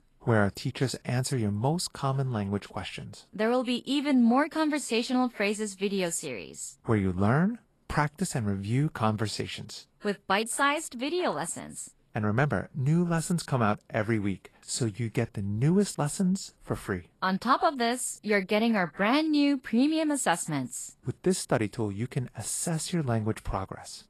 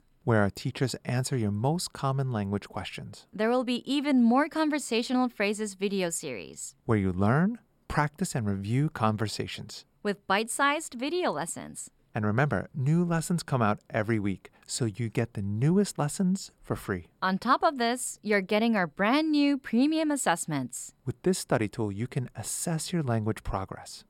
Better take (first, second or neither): second